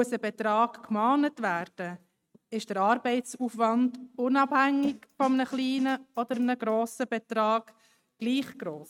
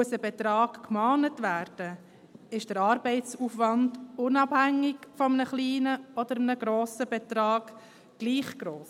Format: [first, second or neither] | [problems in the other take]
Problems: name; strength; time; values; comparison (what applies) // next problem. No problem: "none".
second | noise reduction (neural mask model RNNoise)